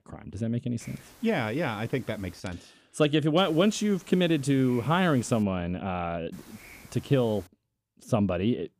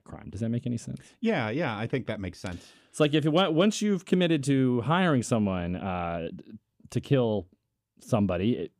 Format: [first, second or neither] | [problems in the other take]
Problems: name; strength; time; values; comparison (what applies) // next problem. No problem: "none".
second | hiss; faint; from 1 to 2.5 s, from 3.5 to 5.5 s and from 6.5 to 7.5 s; 25 dB below the speech